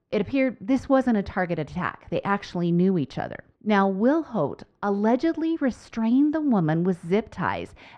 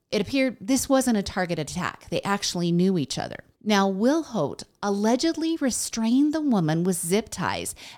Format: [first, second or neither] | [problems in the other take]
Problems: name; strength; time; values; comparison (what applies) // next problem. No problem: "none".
second | muffled; very; fading above 2 kHz